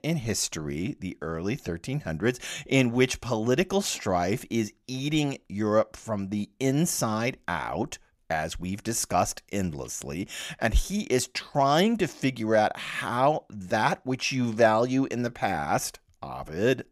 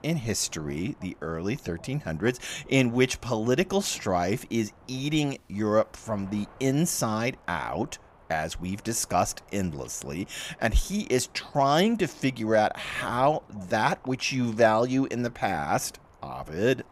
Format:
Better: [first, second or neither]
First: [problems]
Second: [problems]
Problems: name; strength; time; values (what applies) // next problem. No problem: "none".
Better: first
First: none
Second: wind noise on the microphone; occasional gusts; 25 dB below the speech